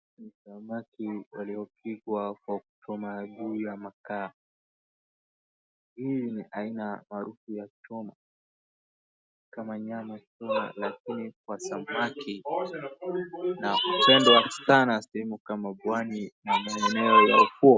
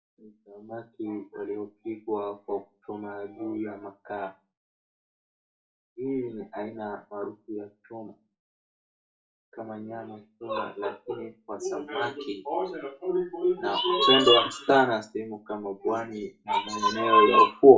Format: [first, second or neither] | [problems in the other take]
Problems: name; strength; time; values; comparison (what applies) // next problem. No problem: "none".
first | room echo; dies away in 0.2 s